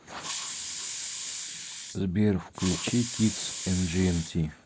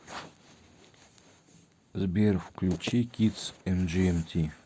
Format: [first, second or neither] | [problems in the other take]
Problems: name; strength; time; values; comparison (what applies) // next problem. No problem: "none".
second | background sound (Hiss); 7 dB below the speech